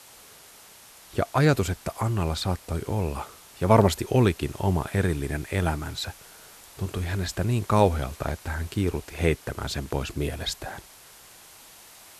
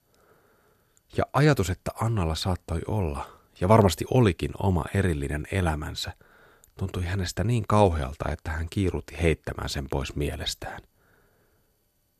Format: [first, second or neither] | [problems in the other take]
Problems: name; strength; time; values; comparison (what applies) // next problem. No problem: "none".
second | hiss; faint; throughout; 20 dB below the speech